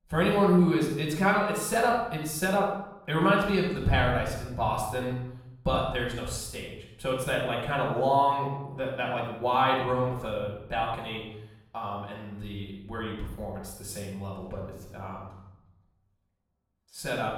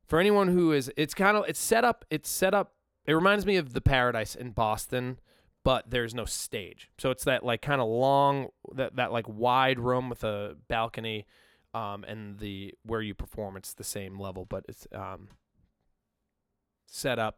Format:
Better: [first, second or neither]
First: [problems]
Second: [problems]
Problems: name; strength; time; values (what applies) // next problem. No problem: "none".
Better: second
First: off-mic speech; far // room echo; noticeable; dies away in 0.8 s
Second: none